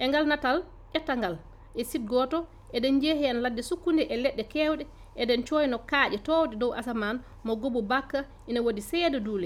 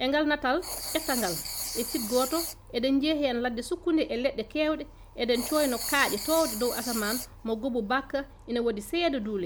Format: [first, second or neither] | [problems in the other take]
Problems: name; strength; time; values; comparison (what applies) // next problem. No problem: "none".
first | background sound (Writing); 10 dB below the speech